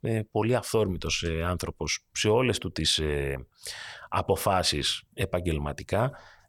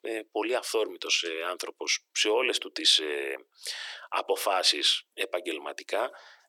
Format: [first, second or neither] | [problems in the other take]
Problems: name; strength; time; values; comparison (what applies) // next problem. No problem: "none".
first | thin; very; fading below 300 Hz